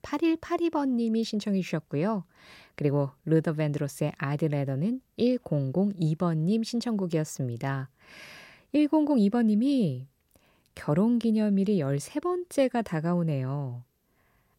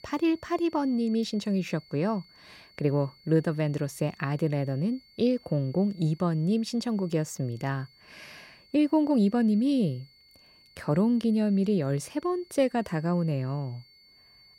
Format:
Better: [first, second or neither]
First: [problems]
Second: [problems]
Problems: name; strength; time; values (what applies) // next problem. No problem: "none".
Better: first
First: none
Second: high-pitched whine; faint; throughout; 4.5 kHz, 30 dB below the speech